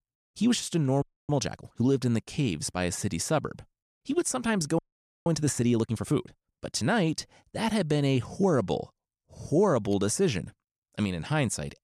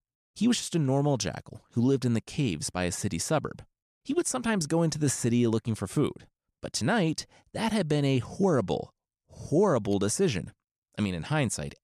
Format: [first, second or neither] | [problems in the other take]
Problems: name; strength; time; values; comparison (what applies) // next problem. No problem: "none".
second | audio freezing; at 1 s and at 5 s